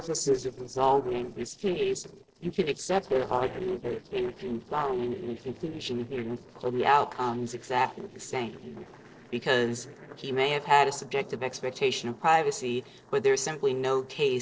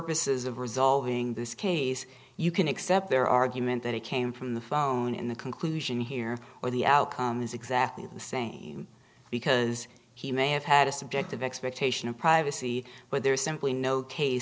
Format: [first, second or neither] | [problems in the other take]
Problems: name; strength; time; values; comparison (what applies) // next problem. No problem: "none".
second | noise reduction (neural separator model SepFormer DNS4)